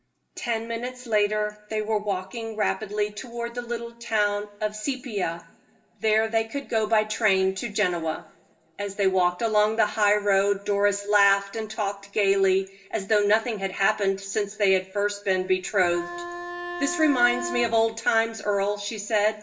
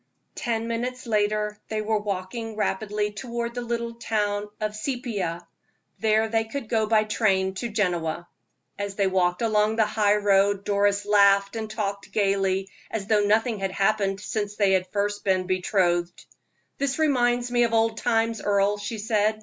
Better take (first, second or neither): second